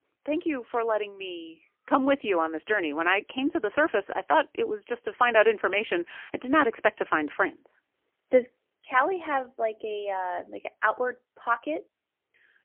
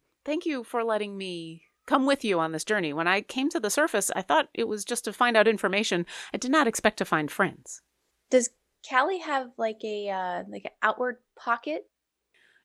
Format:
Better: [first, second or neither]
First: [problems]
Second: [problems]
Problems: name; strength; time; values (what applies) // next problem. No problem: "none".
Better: second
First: phone-call audio; poor line; nothing above 3 kHz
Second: none